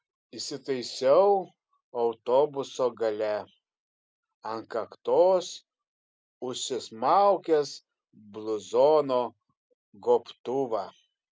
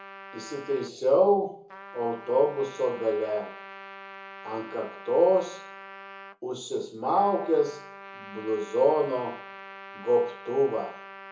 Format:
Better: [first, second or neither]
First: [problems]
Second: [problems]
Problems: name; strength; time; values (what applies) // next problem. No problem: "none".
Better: first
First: none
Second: background sound (Trumpet); 17 dB below the speech // room echo; dies away in 0.7 s